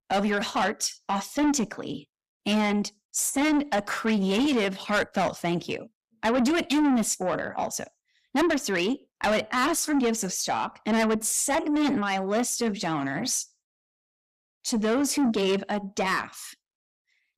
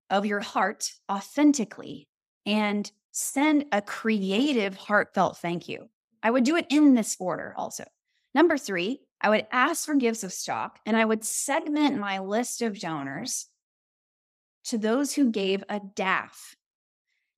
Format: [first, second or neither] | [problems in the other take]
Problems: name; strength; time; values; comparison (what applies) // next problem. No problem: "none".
second | distortion; heavy; 7 dB below the speech